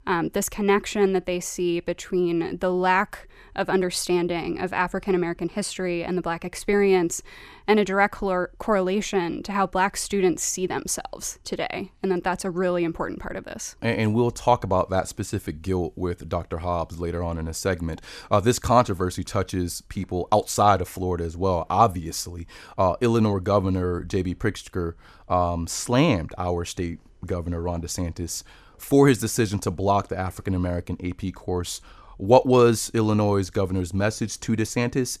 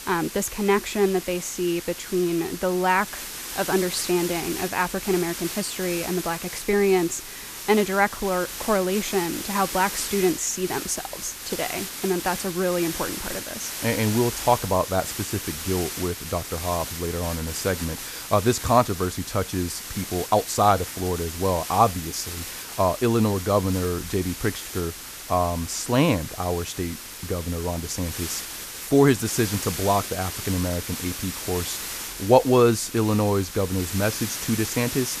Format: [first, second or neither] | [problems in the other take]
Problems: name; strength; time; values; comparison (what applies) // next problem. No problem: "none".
first | hiss; loud; throughout; 8 dB below the speech